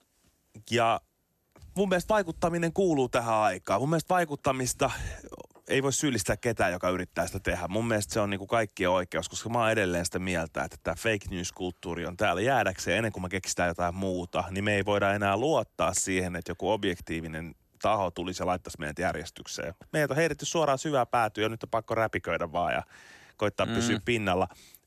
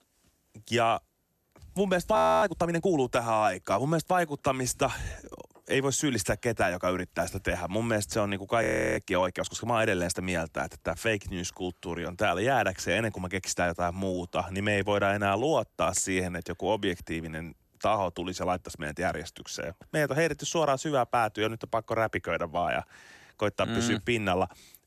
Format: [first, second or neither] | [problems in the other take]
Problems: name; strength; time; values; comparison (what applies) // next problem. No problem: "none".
first | audio freezing; at 2 s and at 8.5 s